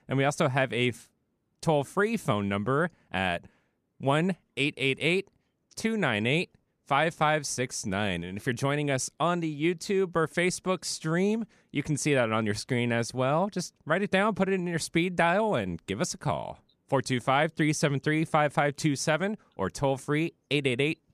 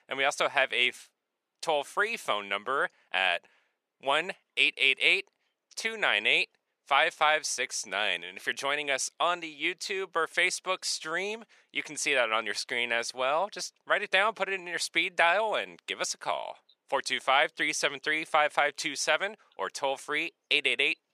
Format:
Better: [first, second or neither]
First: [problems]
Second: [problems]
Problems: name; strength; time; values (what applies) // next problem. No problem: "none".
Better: first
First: none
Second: thin; very; fading below 650 Hz